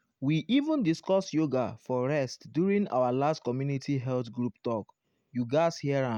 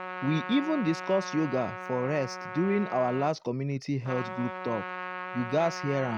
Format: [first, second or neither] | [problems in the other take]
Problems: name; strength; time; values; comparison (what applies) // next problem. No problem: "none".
first | background sound (Trumpet); 9 dB below the speech